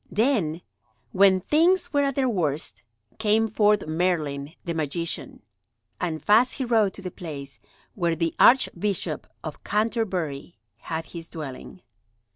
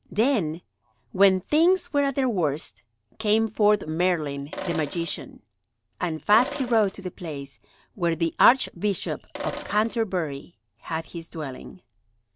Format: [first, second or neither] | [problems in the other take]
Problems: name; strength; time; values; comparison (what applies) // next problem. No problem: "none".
first | background sound (Sink (filling or washing)); 11 dB below the speech